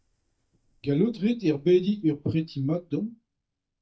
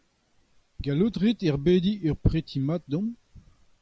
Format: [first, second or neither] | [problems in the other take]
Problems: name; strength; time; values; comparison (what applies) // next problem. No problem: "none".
second | noise reduction (neural mask model DeepFilterNet 3)